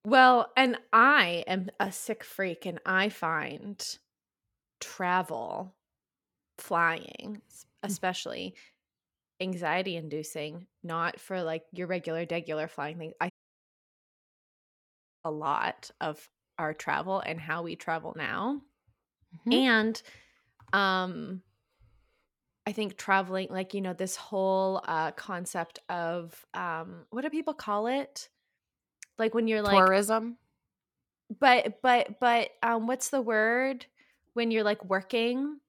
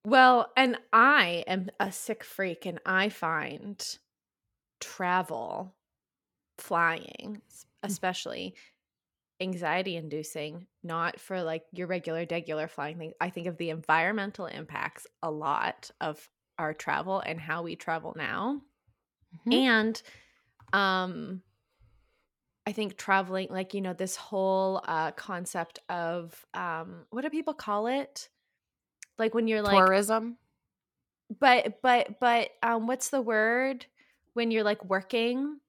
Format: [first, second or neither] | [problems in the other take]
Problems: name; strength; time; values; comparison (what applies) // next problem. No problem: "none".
second | audio cutting out; at 13 s for 2 s